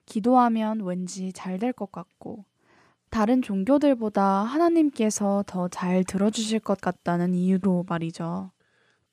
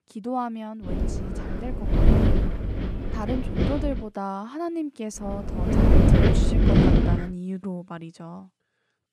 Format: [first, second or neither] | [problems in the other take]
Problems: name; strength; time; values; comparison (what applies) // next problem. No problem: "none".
first | wind noise on the microphone; heavy; from 1 to 4 s and from 5 to 7 s; 4 dB above the speech